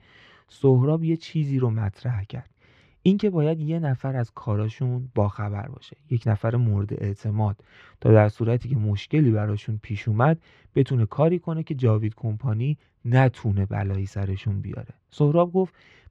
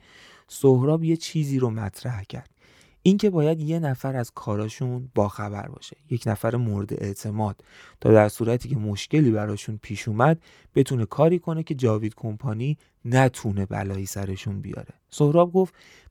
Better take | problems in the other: second | muffled; slightly; fading above 3 kHz

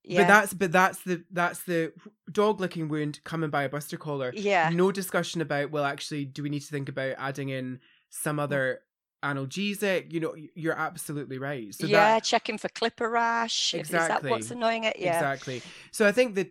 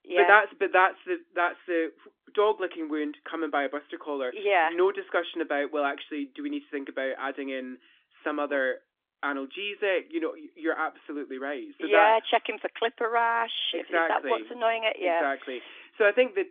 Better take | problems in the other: first | phone-call audio; nothing above 3.5 kHz

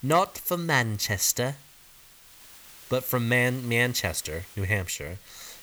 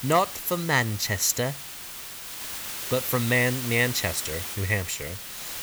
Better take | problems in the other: first | hiss; loud; throughout; 7 dB below the speech; faint in the first

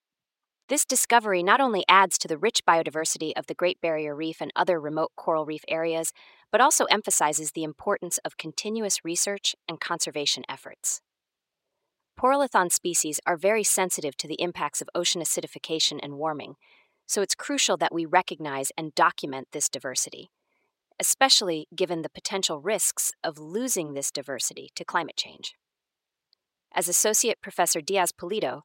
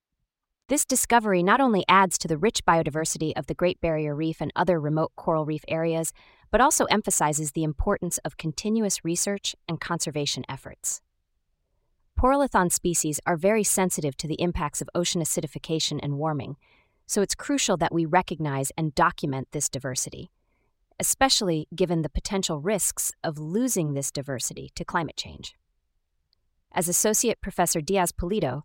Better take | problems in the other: second | thin; somewhat; fading below 350 Hz

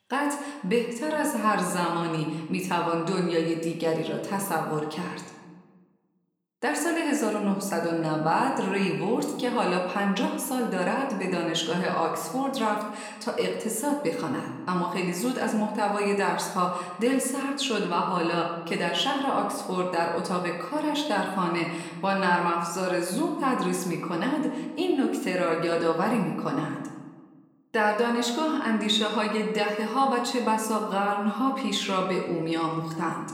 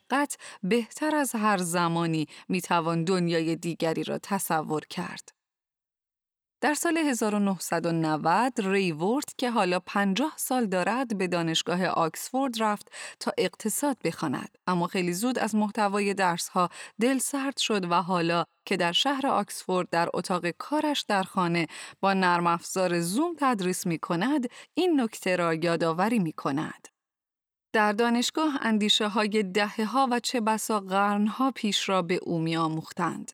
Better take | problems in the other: second | room echo; slight; dies away in 1 s // off-mic speech; somewhat distant

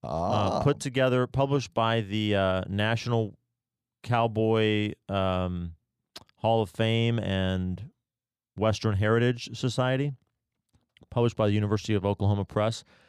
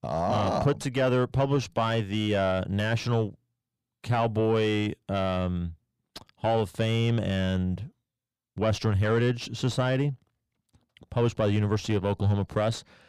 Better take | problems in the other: first | distortion; slight; 10 dB below the speech

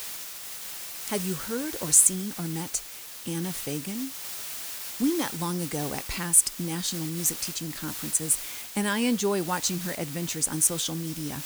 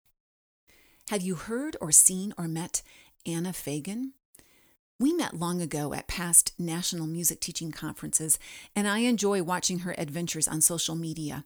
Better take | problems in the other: second | hiss; loud; throughout; 9 dB below the speech

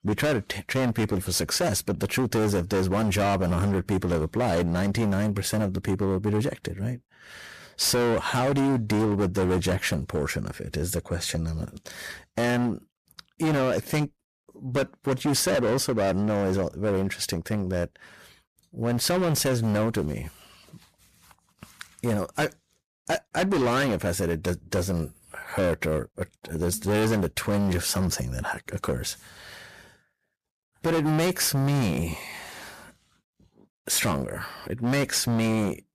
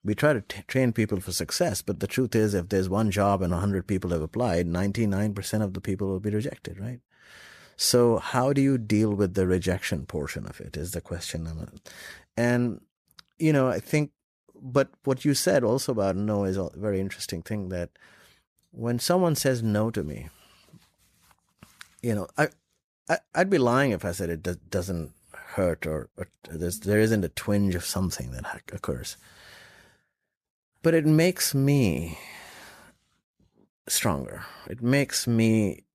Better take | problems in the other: second | distortion; heavy; 16% of the sound clipped

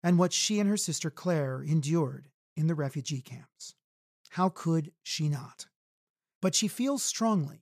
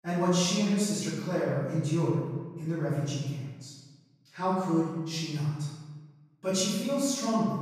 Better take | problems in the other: first | off-mic speech; far // room echo; strong; dies away in 1.1 s

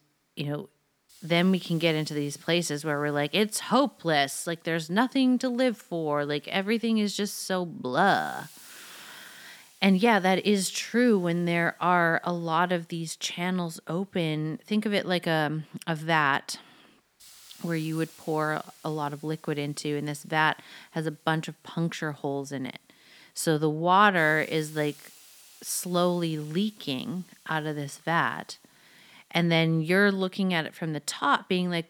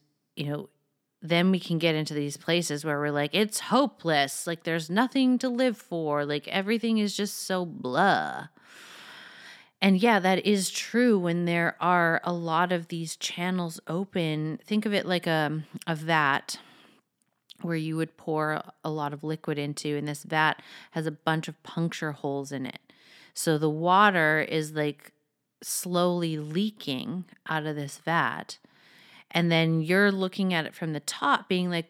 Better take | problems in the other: second | hiss; faint; throughout; 25 dB below the speech

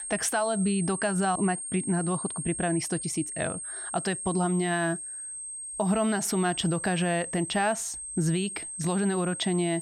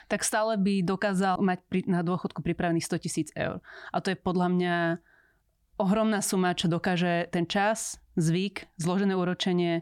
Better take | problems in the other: second | high-pitched whine; loud; throughout; 8.5 kHz, 6 dB below the speech

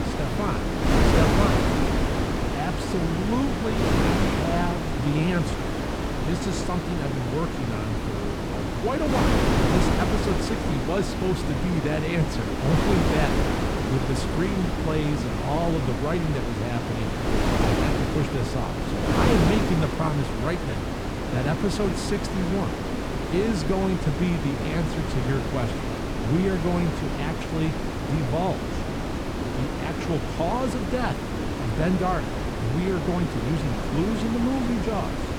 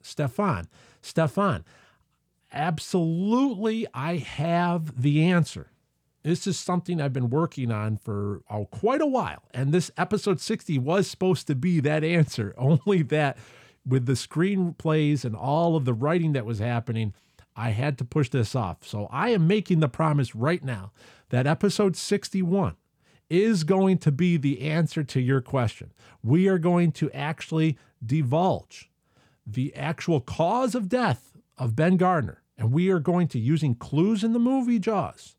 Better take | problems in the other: second | wind noise on the microphone; heavy; 2 dB above the speech

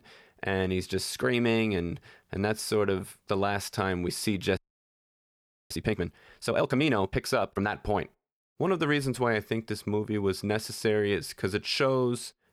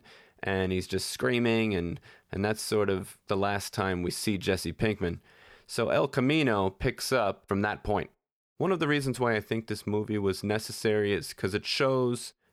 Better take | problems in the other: second | audio freezing; at 4.5 s for 1 s

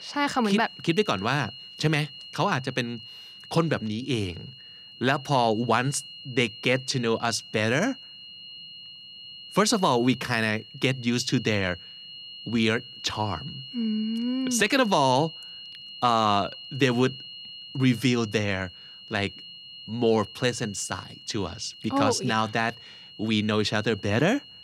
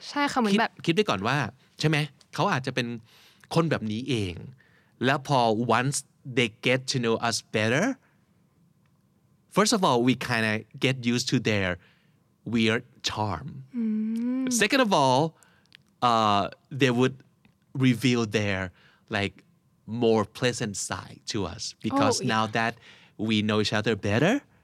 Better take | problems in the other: second | high-pitched whine; noticeable; throughout; 3 kHz, 15 dB below the speech

